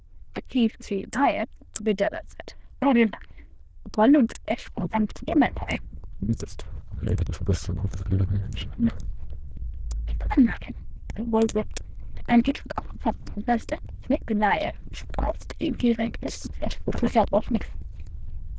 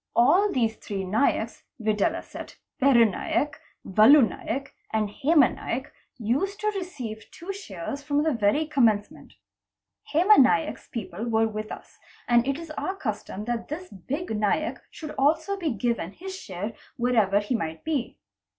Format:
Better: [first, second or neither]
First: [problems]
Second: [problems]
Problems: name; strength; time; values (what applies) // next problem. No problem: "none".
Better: second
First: noise reduction (neural diffusion model UNIVERSE++)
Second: none